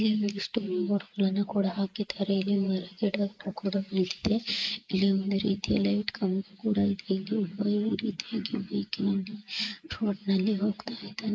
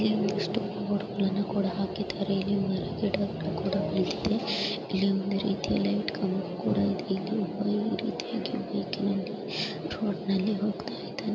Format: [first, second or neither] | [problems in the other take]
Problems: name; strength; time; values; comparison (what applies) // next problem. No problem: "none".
second | noise reduction (neural mask model Resemble Enhance denoiser)